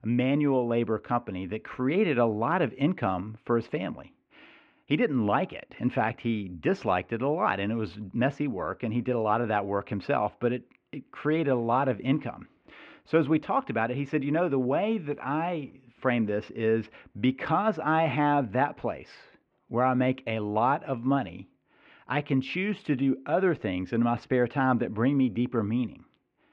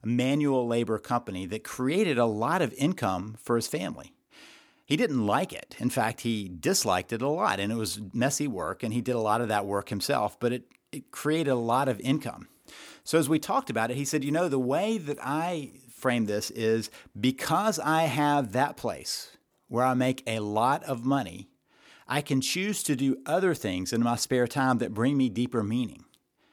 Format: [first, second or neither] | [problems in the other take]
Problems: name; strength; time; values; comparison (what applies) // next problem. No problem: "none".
second | muffled; very; fading above 2.5 kHz